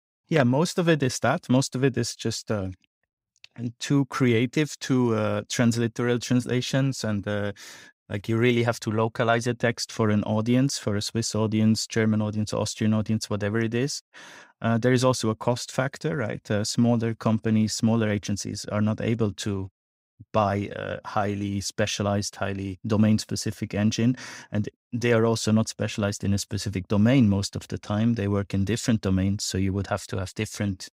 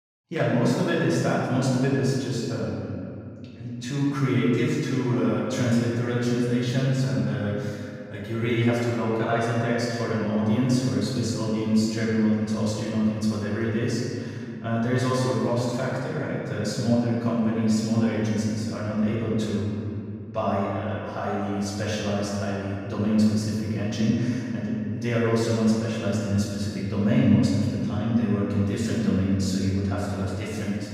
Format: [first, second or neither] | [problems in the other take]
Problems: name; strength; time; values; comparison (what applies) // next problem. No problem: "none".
first | room echo; strong; dies away in 2.5 s // off-mic speech; far